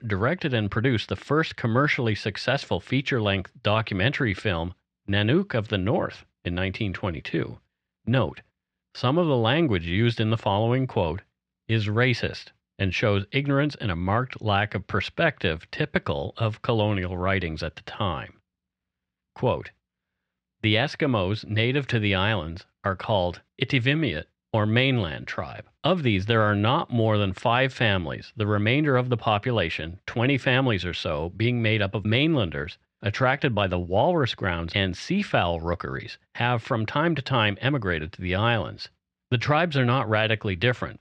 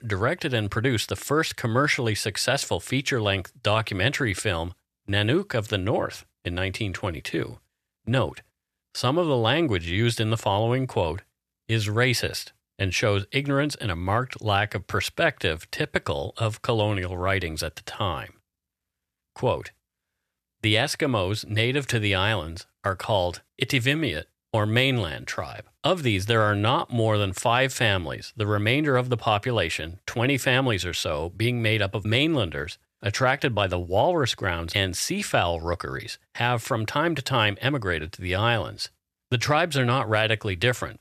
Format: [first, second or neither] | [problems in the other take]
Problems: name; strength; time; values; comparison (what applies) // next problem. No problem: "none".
second | muffled; very slightly; fading above 4 kHz